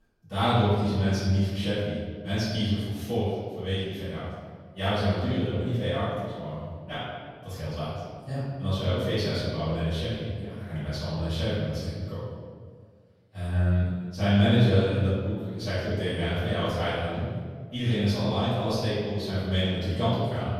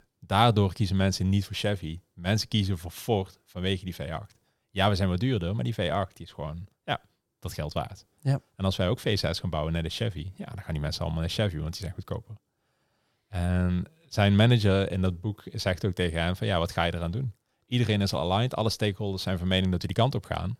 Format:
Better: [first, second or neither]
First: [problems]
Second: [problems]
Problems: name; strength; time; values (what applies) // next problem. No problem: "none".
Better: second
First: room echo; strong; dies away in 1.6 s // off-mic speech; far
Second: none